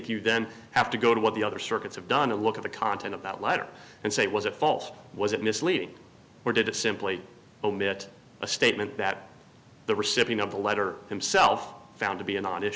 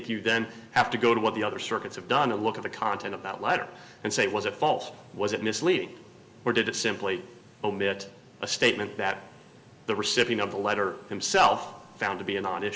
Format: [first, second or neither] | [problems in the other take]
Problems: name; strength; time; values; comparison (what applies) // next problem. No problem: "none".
first | room echo; dies away in 2.3 s